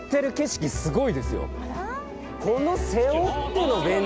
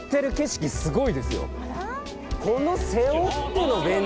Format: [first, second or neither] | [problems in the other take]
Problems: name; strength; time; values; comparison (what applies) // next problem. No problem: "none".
first | background sound (Drum / Drum kit); 13 dB below the speech